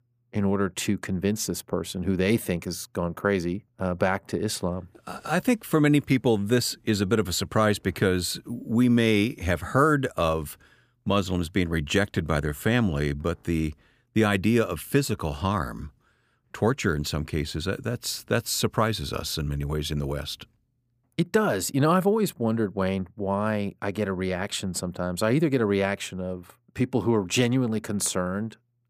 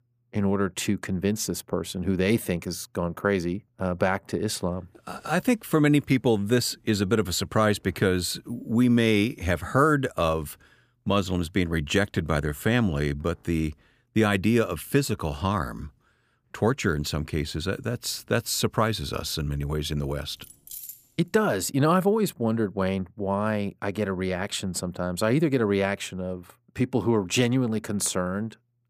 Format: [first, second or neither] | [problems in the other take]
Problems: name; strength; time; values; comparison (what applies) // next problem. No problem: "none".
first | jangling keys; faint; at 20 s; peak 10 dB below the speech